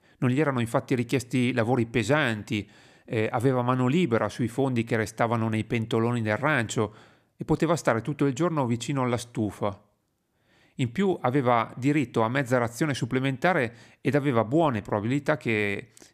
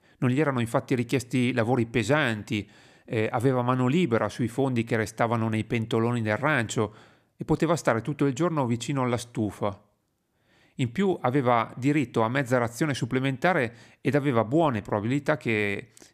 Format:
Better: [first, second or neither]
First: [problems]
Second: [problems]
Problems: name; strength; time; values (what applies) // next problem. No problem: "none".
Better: neither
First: none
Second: none